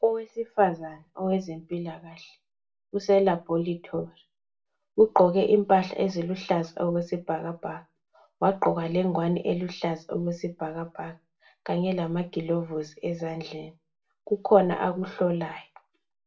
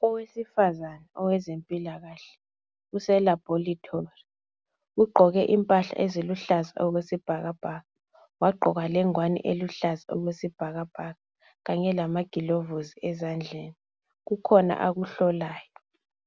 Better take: second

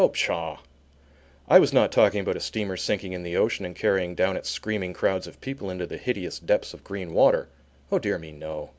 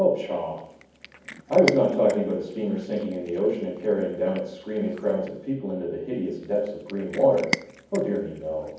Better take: first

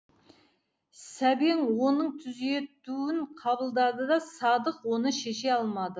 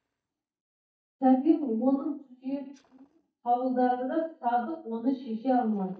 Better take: first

